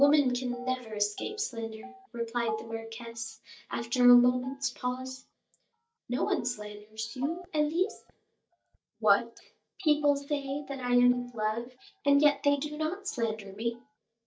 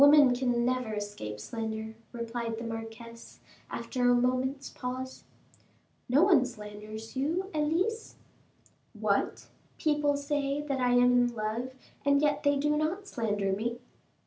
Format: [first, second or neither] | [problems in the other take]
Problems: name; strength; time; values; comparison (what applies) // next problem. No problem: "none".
second | noise reduction (neural mask model DeepFilterNet 3)